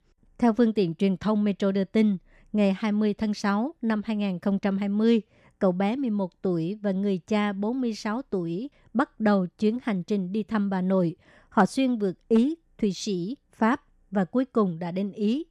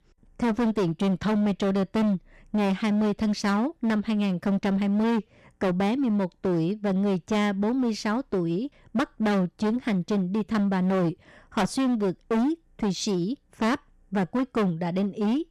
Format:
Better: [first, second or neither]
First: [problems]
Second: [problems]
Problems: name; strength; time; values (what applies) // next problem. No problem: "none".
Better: first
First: none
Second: distortion; heavy; 20% of the sound clipped